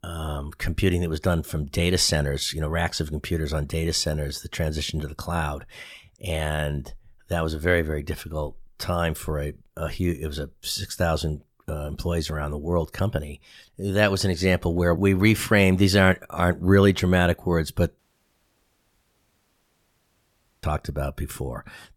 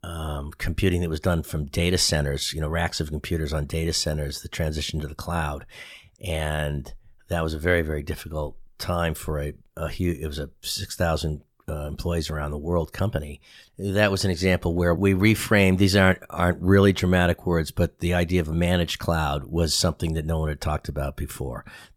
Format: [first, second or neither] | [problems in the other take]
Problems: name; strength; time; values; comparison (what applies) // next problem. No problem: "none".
second | audio cutting out; at 18 s for 2.5 s